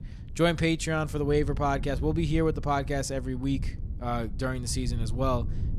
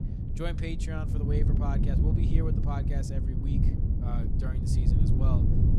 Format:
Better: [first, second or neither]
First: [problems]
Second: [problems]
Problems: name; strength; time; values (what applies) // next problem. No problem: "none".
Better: first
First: wind noise on the microphone; occasional gusts; 20 dB below the speech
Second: wind noise on the microphone; heavy; 1 dB above the speech